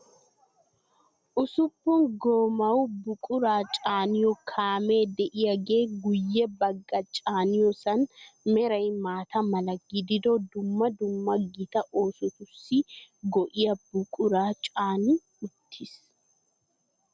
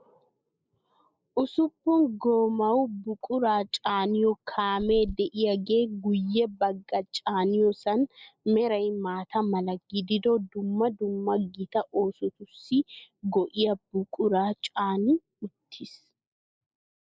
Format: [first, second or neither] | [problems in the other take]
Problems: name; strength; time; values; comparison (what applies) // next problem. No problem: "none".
first | noise reduction (neural mask model Resemble Enhance denoiser)